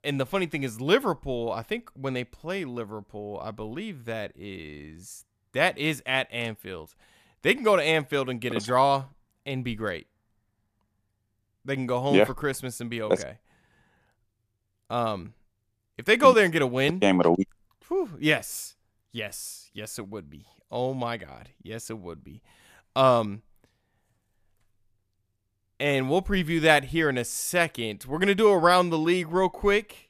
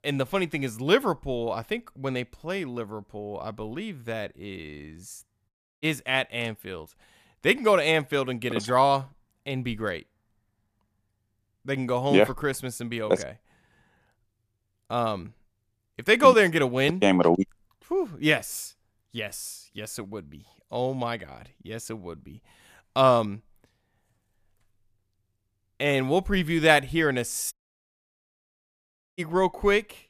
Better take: first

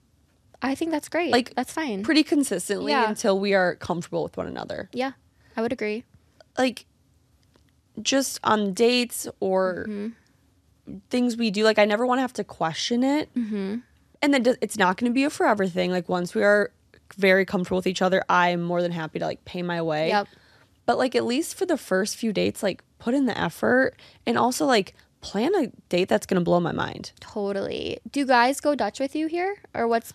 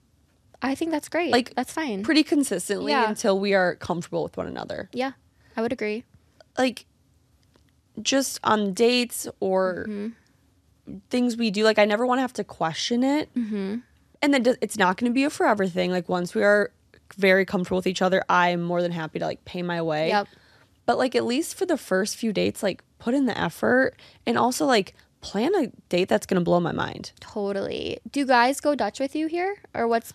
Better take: neither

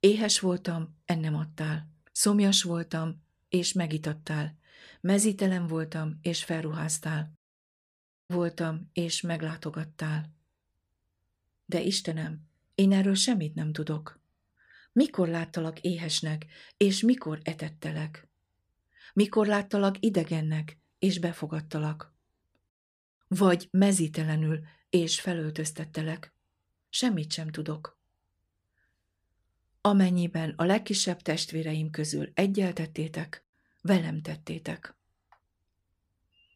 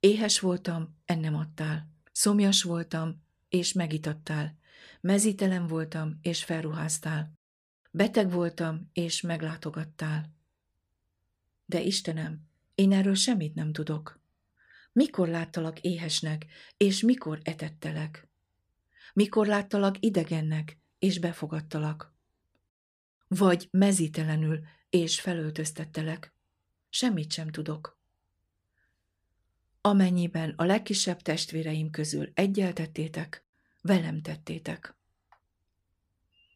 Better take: second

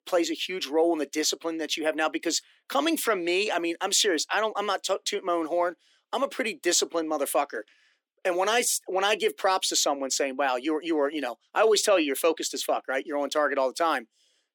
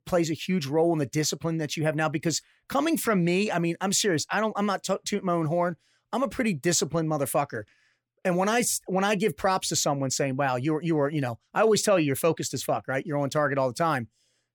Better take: second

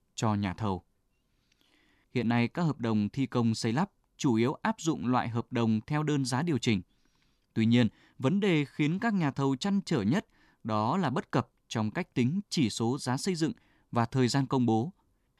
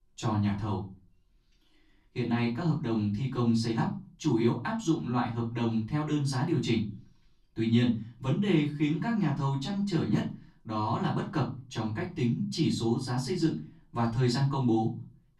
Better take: first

